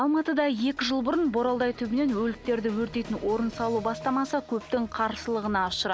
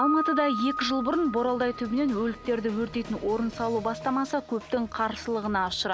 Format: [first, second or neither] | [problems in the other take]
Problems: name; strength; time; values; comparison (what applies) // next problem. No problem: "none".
first | background sound (Piano); 9 dB below the speech